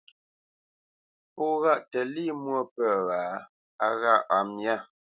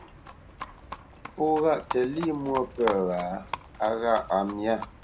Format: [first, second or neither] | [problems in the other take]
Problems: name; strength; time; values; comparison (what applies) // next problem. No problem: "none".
first | background sound (Livestock, farm animals, working animals); 11 dB below the speech // room echo; dies away in 0.5 s